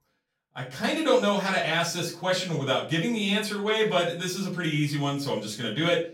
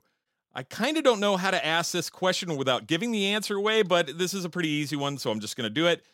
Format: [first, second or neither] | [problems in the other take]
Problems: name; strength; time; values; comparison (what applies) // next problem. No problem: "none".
second | off-mic speech; far // room echo; slight; dies away in 0.3 s